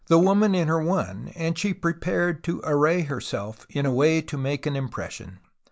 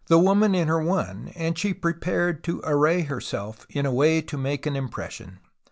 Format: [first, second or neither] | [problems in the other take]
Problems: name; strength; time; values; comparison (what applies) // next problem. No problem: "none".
second | noise reduction (neural mask model Resemble Enhance denoiser)